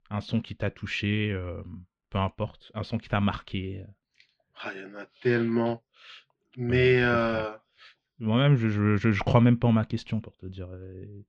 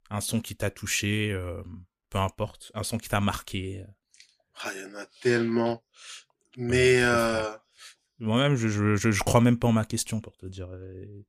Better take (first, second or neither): second